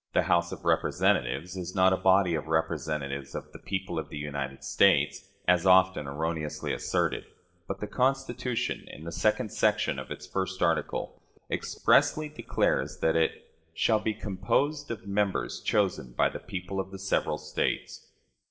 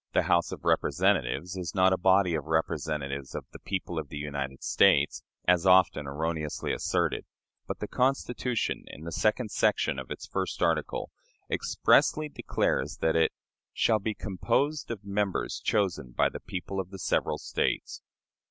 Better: second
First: noise reduction (neural separator model SepFormer DNS4)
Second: none

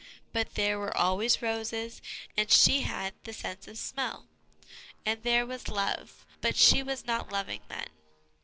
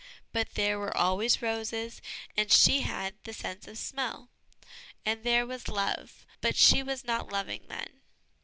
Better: second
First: noise reduction (neural separator model SepFormer DNS4)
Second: none

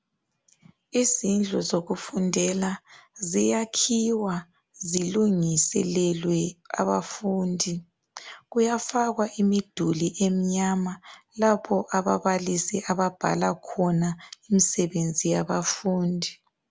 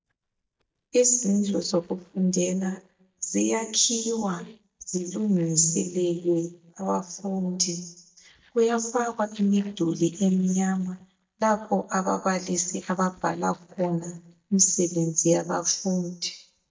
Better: first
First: none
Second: noise reduction (neural mask model DeepFilterNet 3)

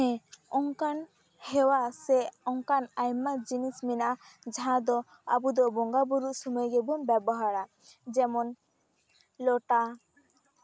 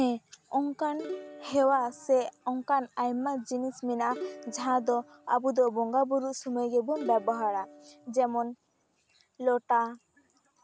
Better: first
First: none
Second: background sound (Plucked string instrument); 14 dB below the speech

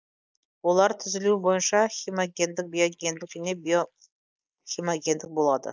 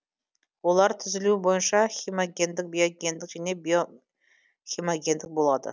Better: second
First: noise reduction (neural mask model Resemble Enhance denoiser)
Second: none

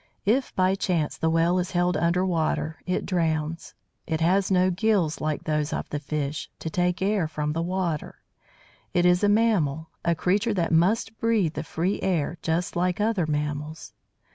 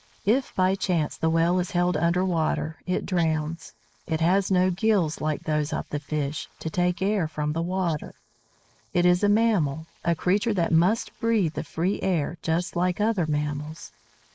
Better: first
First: none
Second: noise reduction (neural mask model Resemble Enhance denoiser)

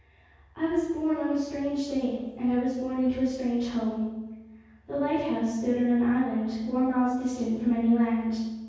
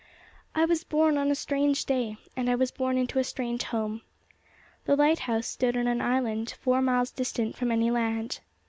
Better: second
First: room echo; dies away in 1.3 s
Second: none

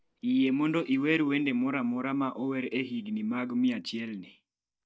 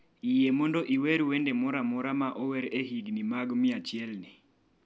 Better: second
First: noise reduction (neural mask model DeepFilterNet 3)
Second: none

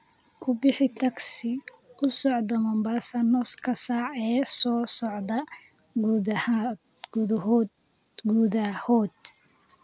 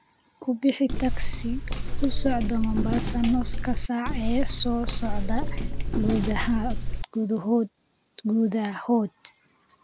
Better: first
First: none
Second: background sound (Walk, footsteps); 2 dB above the speech

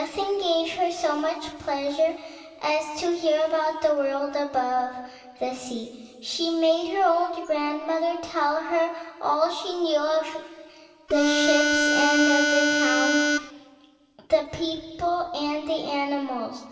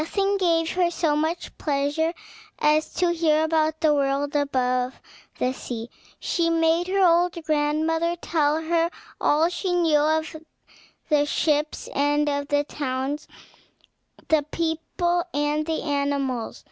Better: second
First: background sound (Harmonica); 4 dB above the speech // room echo; dies away in 2.5 s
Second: none

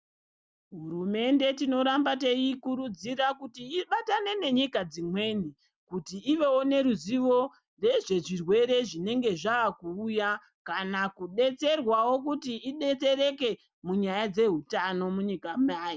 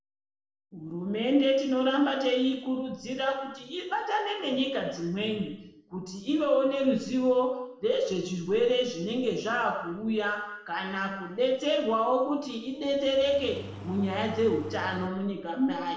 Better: first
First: none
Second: background sound (Engine starting); 15 dB below the speech // room echo; dies away in 0.8 s

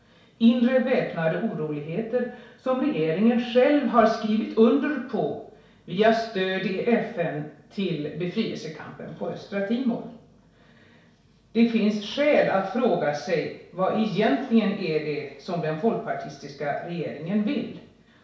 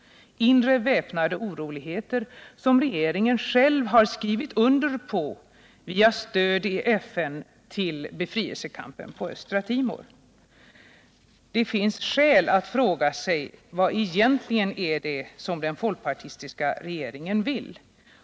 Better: second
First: room echo; dies away in 0.6 s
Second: none

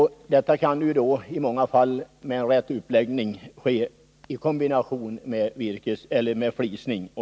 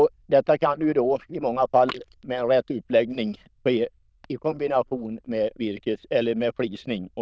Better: first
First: none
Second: noise reduction (neural diffusion model UNIVERSE++)

